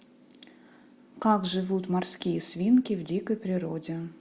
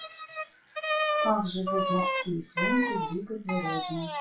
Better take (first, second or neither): first